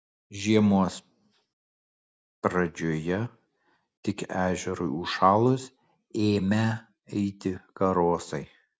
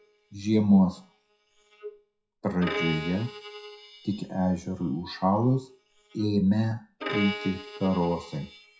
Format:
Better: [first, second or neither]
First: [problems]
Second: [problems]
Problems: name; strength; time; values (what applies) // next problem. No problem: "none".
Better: first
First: none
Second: noise reduction (classical method WPE with log-MMSE)